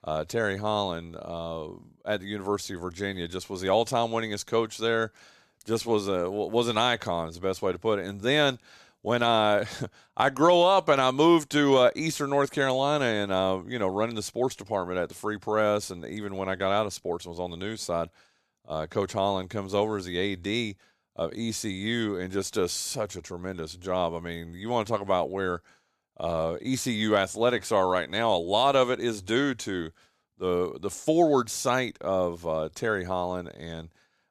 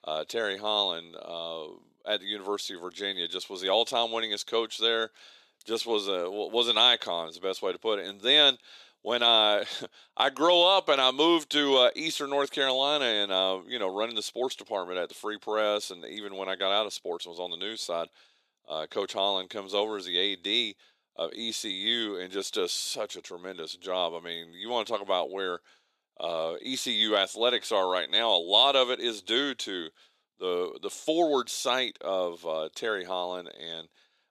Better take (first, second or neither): first